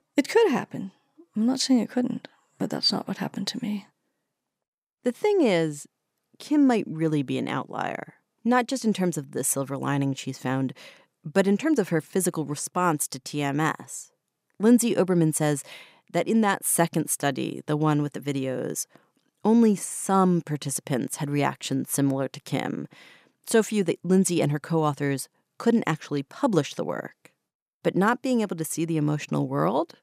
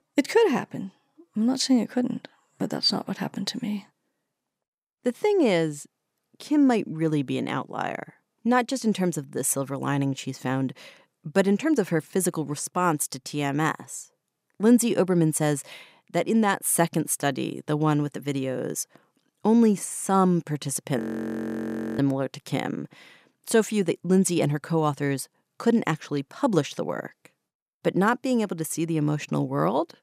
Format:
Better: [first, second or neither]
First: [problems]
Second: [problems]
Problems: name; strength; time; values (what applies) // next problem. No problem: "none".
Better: first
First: none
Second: audio freezing; at 21 s for 1 s